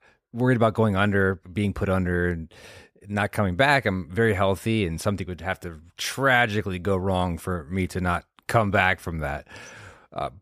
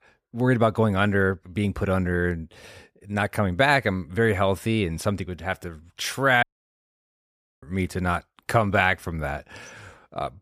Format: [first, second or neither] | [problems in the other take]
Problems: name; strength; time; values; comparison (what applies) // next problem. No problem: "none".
first | audio cutting out; at 6.5 s for 1 s